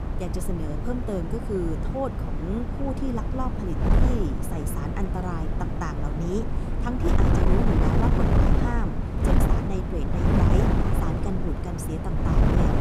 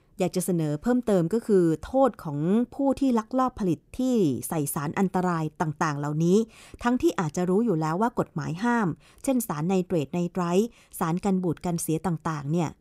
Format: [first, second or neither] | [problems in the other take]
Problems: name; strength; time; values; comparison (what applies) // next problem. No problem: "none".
second | wind noise on the microphone; heavy; 2 dB above the speech